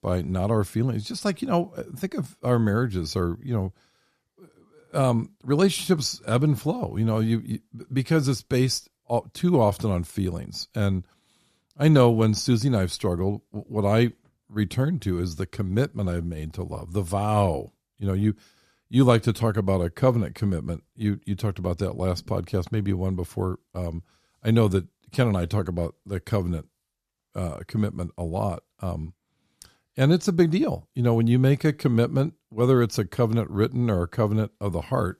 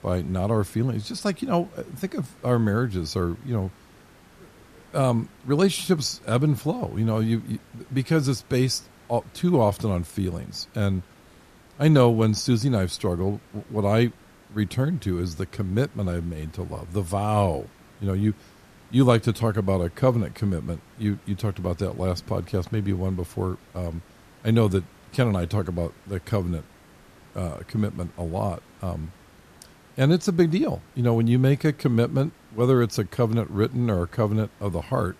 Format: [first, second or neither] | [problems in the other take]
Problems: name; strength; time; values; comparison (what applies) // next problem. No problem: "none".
first | hiss; faint; throughout; 25 dB below the speech